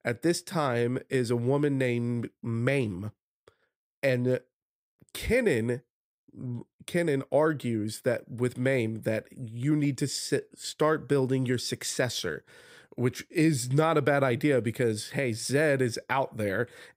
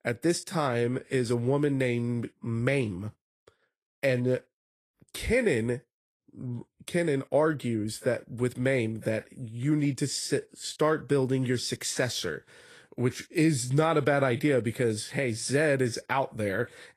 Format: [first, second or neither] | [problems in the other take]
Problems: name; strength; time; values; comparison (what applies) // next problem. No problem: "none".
first | garbled, watery; slightly; nothing above 14 kHz